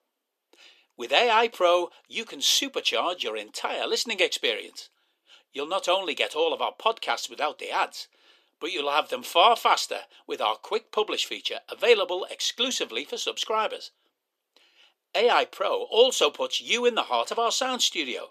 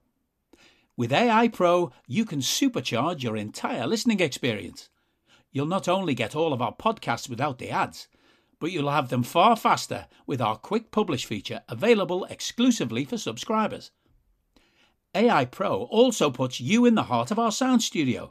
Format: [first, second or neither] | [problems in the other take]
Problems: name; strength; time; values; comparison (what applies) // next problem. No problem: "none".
second | thin; very; fading below 400 Hz